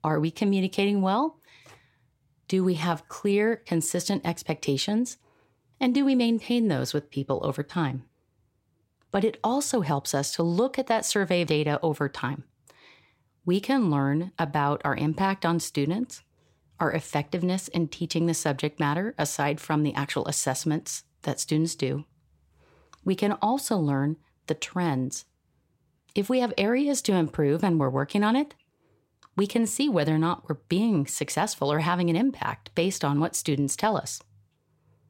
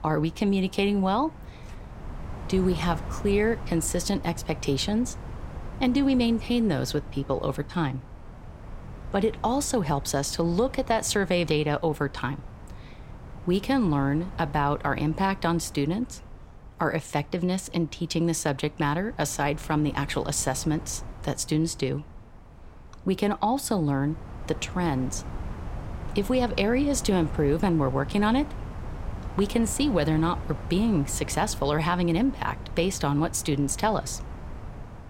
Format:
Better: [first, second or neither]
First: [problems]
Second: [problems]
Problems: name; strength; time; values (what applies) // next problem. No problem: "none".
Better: first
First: none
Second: wind noise on the microphone; occasional gusts; 15 dB below the speech